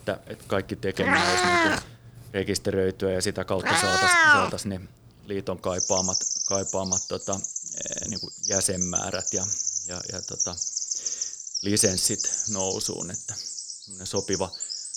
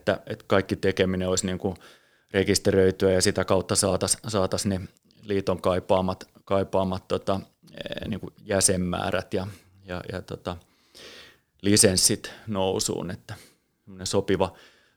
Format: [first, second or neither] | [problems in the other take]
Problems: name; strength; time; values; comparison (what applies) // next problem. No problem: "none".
second | animal sounds; very loud; throughout; 4 dB above the speech